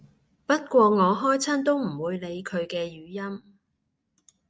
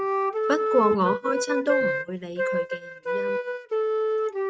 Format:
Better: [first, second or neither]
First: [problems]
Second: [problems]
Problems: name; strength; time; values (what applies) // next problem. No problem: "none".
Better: first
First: none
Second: noise reduction (neural mask model RNNoise)